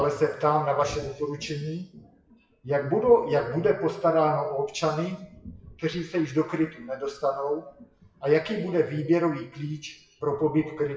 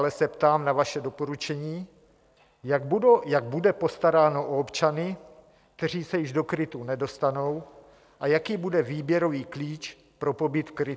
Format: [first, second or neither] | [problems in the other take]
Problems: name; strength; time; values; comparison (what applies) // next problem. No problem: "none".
second | noise reduction (classical method WPE with log-MMSE)